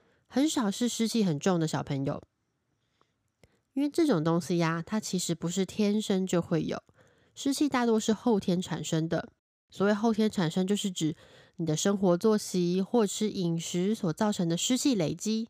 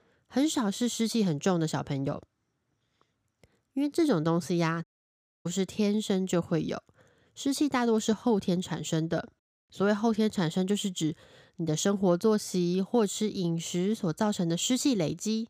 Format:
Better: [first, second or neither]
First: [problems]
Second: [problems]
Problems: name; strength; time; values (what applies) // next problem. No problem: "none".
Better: first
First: none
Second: audio cutting out; at 5 s for 0.5 s